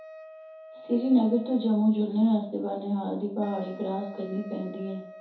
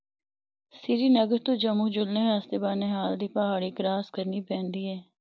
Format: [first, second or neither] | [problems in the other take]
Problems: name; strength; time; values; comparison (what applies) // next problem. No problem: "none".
second | background sound (Wind instrument, woodwind instrument); 20 dB below the speech // room echo; dies away in 0.5 s